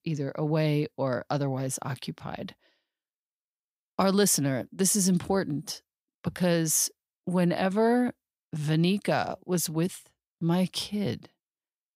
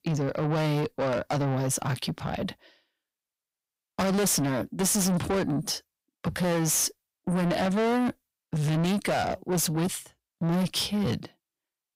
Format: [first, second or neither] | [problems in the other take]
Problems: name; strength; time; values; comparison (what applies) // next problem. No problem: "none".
first | distortion; heavy; 6 dB below the speech